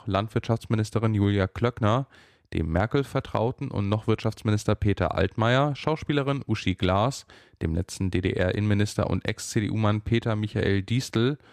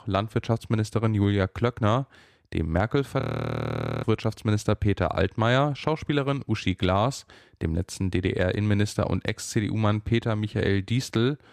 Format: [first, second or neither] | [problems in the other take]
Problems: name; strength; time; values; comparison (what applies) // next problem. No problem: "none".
first | audio freezing; at 3 s for 1 s